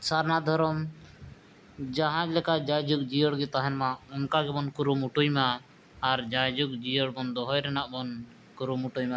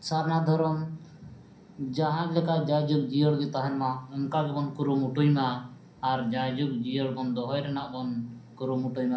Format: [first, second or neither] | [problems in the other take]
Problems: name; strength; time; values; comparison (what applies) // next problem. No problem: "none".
first | room echo; dies away in 0.6 s